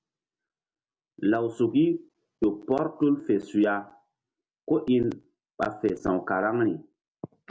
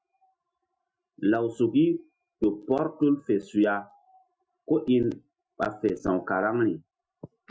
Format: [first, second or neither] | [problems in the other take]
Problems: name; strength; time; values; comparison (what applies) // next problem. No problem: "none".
first | noise reduction (classical method Wiener filter)